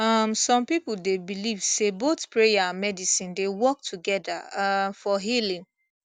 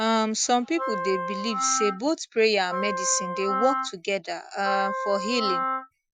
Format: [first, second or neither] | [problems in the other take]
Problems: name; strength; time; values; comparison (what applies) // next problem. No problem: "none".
first | noise reduction (classical method Wiener filter)